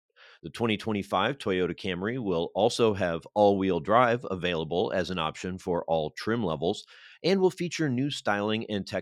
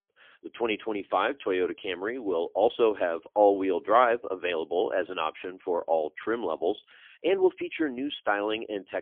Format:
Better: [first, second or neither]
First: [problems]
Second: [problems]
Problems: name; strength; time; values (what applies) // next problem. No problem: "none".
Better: first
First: none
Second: phone-call audio; poor line; nothing above 3.5 kHz